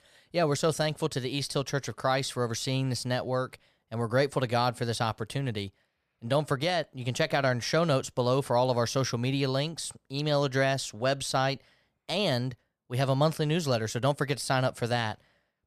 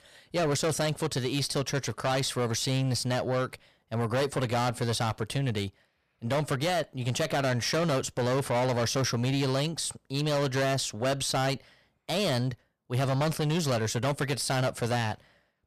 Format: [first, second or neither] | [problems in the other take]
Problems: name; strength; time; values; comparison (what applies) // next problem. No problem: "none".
first | distortion; heavy; 8 dB below the speech